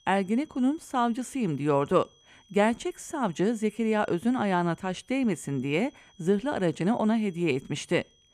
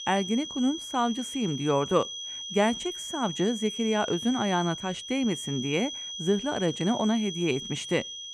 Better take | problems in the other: first | high-pitched whine; loud; throughout; 3.5 kHz, 7 dB below the speech; faint in the first

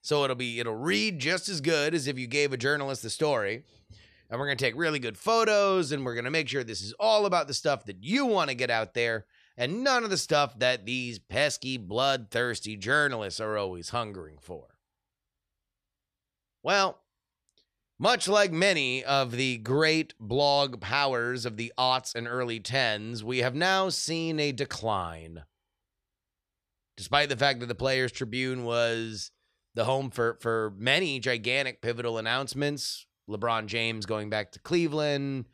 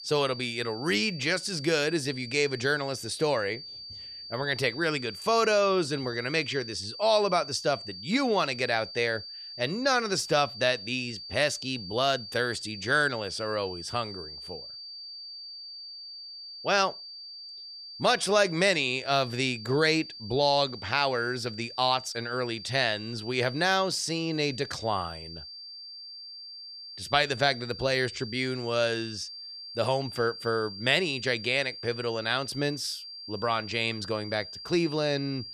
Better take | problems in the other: first | high-pitched whine; noticeable; throughout; 4.5 kHz, 10 dB below the speech

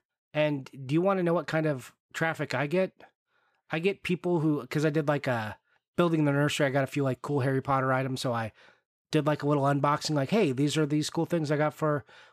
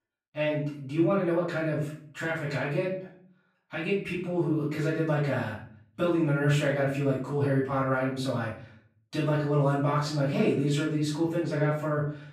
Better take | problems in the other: first | off-mic speech; far // room echo; noticeable; dies away in 0.5 s

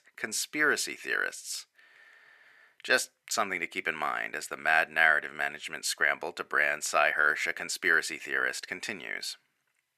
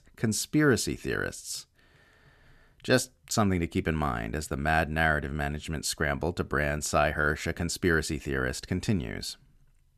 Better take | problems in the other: second | thin; very; fading below 550 Hz

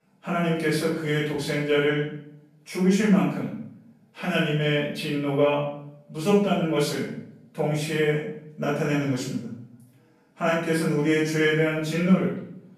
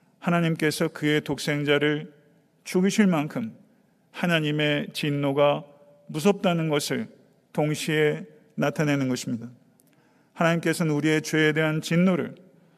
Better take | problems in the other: second | off-mic speech; far // room echo; noticeable; dies away in 0.6 s

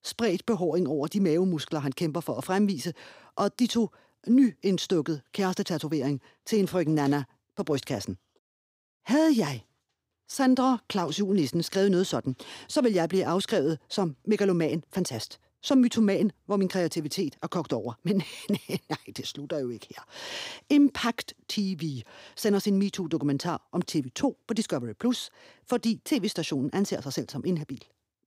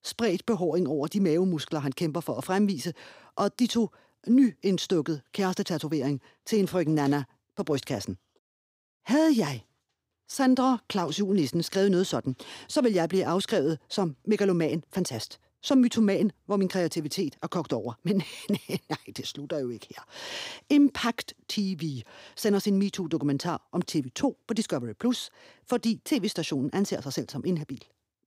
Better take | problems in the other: neither | none

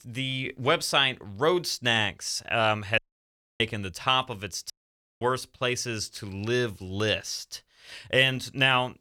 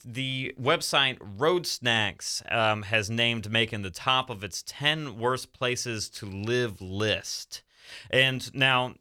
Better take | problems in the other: second | audio cutting out; at 3 s for 0.5 s and at 4.5 s for 0.5 s

